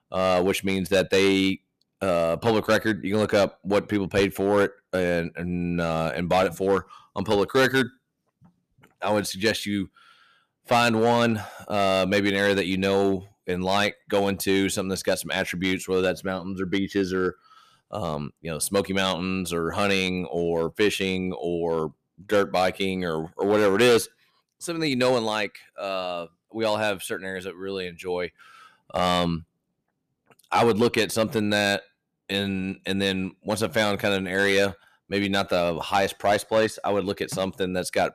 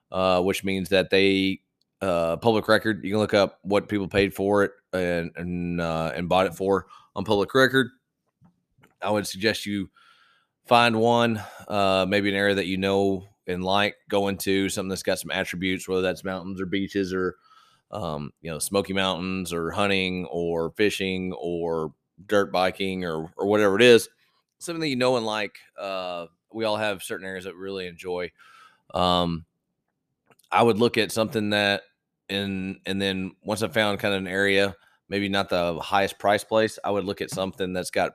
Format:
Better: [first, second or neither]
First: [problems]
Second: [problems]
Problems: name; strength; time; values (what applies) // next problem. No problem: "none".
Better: second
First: distortion; slight; 3% of the sound clipped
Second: none